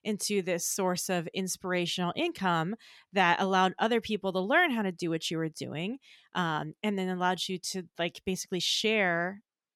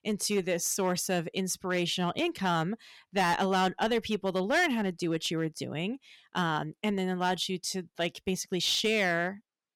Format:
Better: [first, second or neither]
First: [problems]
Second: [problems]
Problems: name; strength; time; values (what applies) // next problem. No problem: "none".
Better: first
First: none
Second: distortion; slight; 5% of the sound clipped